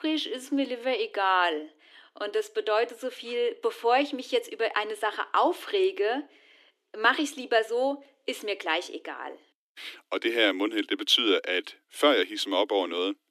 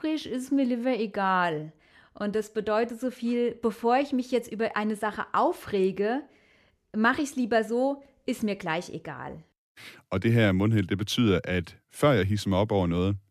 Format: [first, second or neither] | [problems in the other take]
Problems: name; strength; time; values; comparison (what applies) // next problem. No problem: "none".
second | thin; somewhat; fading below 300 Hz